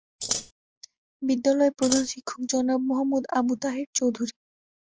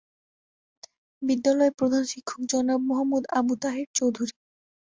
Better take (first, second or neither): second